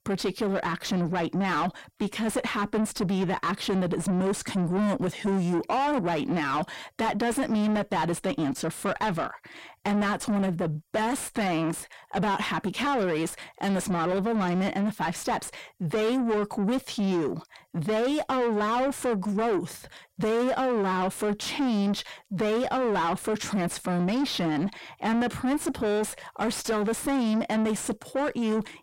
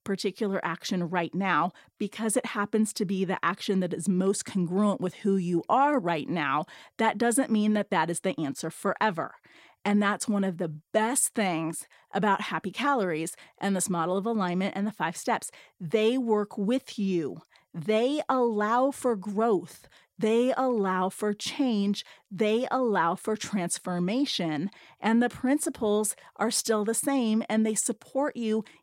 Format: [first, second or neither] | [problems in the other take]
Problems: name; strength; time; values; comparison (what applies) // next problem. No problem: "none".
second | distortion; heavy; 7 dB below the speech